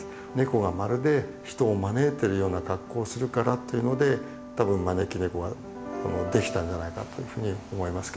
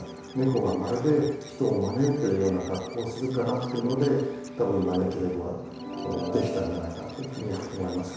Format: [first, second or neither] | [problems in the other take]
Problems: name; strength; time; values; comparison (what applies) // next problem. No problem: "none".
first | background sound (Bird); 19 dB below the speech // room echo; dies away in 1 s